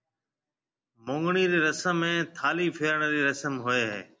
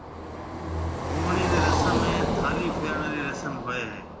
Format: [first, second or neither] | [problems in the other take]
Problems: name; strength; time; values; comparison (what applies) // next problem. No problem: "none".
first | background sound (Car passing by); 5 dB above the speech // room echo; dies away in 0.6 s